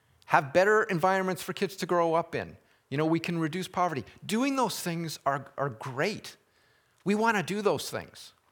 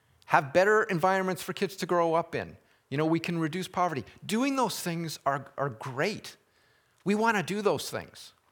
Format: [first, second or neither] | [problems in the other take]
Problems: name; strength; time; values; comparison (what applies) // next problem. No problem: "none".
neither | none